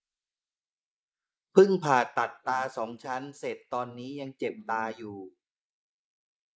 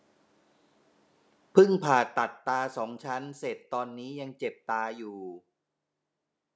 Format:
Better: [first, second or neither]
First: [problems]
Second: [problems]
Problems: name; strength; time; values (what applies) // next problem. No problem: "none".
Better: second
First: noise reduction (neural mask model Resemble Enhance denoiser)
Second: none